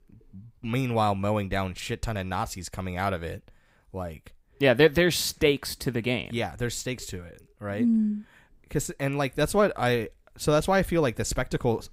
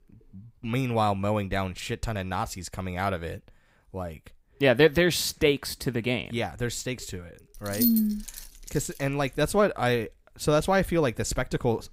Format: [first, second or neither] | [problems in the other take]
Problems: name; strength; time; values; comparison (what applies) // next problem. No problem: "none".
first | jangling keys; noticeable; from 7.5 to 9 s; peak 1 dB below the speech